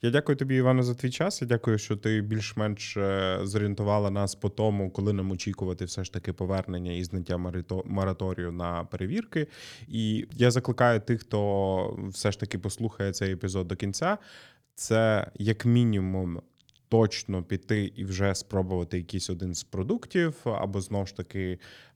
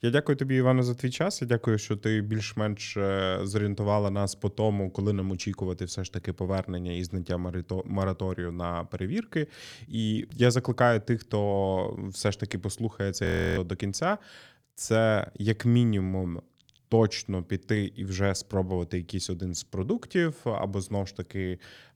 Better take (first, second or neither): first